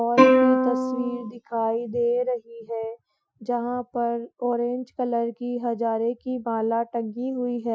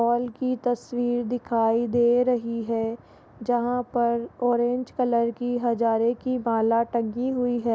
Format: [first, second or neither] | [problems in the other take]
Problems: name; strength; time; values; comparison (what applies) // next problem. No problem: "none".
second | noise reduction (classical method Wiener filter)